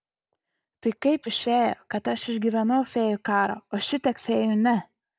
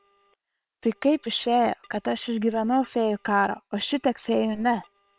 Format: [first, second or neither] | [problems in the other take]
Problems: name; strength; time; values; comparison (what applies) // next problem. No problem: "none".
first | noise reduction (neural separator model SepFormer WHAM!)